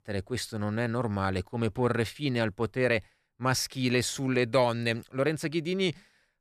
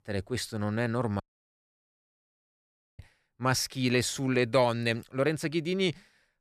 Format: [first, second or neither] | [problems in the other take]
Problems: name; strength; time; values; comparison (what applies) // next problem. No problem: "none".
first | audio cutting out; at 1 s for 2 s